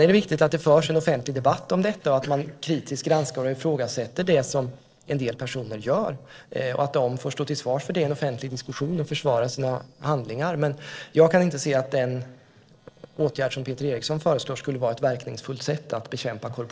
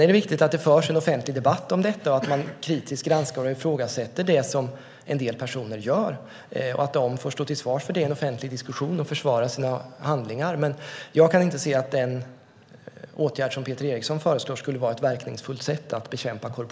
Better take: second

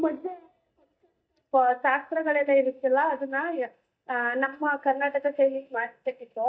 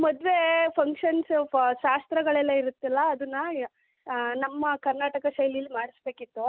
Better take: second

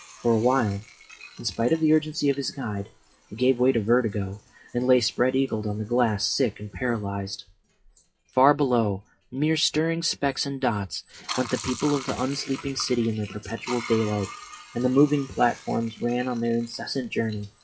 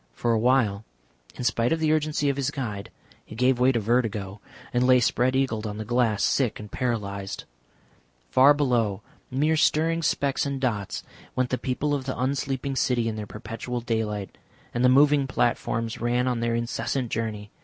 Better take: second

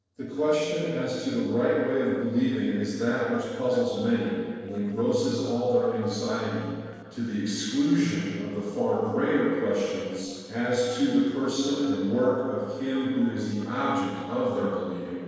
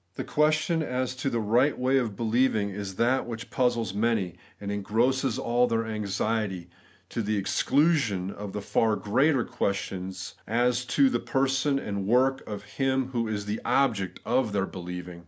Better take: second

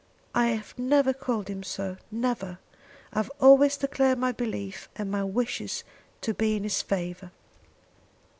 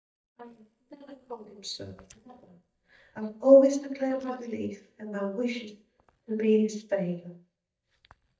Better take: first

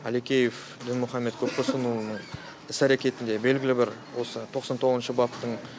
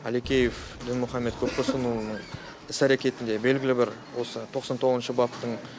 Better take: first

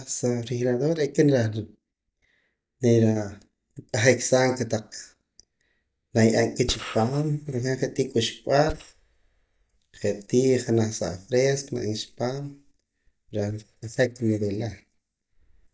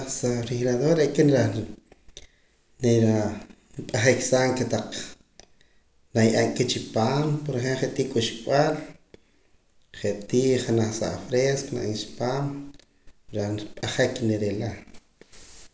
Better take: second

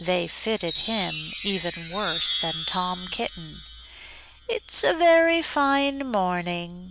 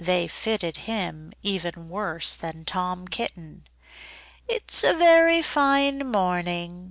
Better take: second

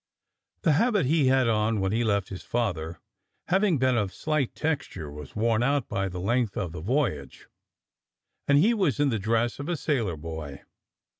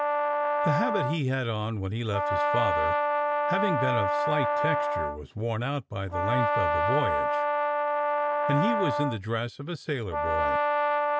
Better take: first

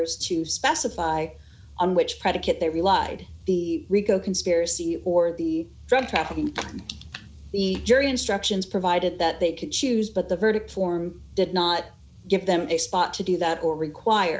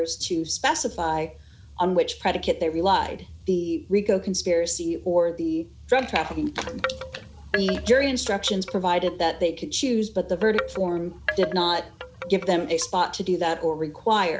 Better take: first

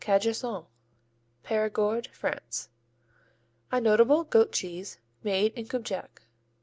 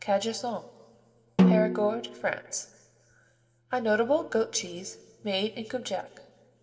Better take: first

